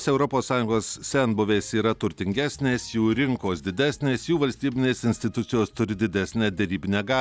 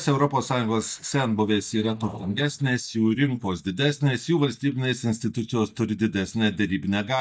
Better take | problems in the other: first | noise reduction (neural mask model DeepFilterNet 3)

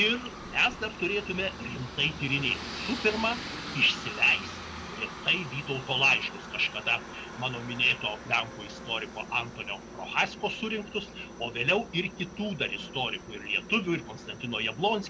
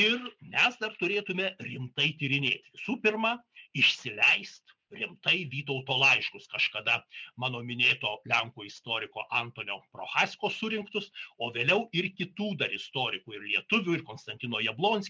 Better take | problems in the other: second | background sound (Aircraft); 11 dB below the speech

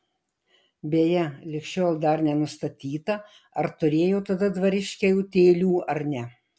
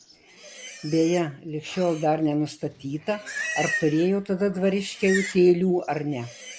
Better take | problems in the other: first | background sound (Livestock, farm animals, working animals); 12 dB below the speech

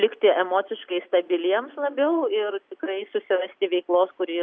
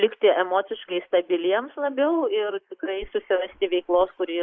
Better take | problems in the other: first | noise reduction (neural mask model Resemble Enhance denoiser)

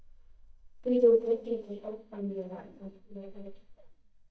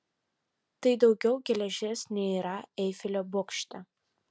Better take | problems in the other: second | noise reduction (neural mask model DeepFilterNet 3)

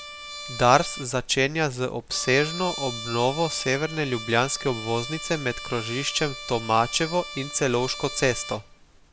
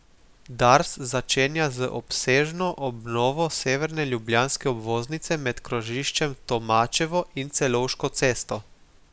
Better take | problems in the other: second | background sound (Trumpet); 12 dB below the speech

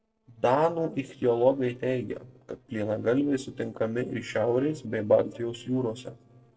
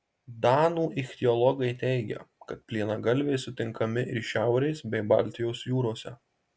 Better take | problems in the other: second | noise reduction (neural separator model SepFormer DNS4)

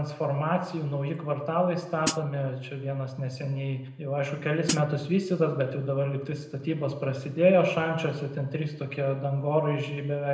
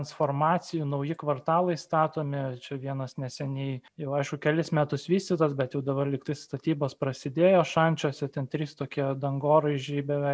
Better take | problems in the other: second | background sound (Hi-hat); 3 dB below the speech // room echo; dies away in 0.8 s

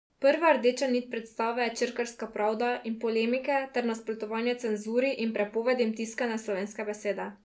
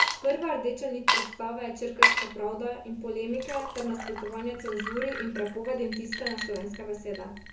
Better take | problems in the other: first | background sound (Water / Liquid); 1 dB above the speech // room echo; dies away in 0.6 s

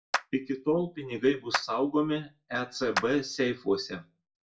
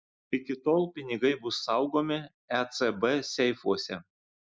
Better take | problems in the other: second | background sound (Clapping); 9 dB below the speech // room echo; dies away in 0.2 s

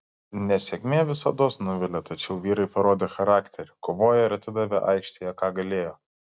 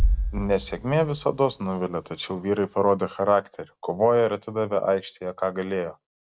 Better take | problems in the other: first | background sound (Bass drum); 7 dB below the speech

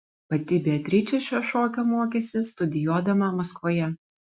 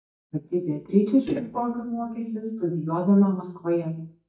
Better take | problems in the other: first | noise reduction (neural mask model DeepFilterNet 3)

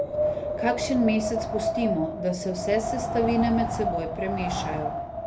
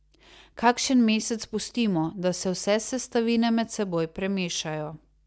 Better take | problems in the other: second | background sound (Wind); 1 dB below the speech // room echo; dies away in 0.3 s

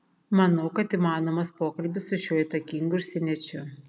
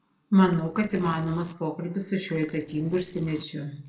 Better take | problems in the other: first | noise reduction (neural separator model SepFormer DNS4)

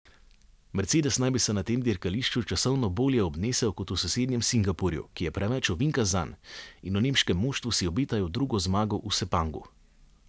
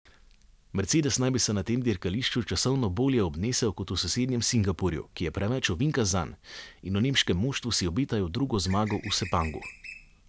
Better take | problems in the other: first | background sound (Bird); 16 dB below the speech

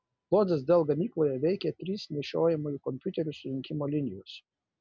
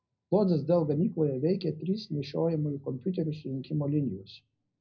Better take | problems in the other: first | room echo; dies away in 0.4 s

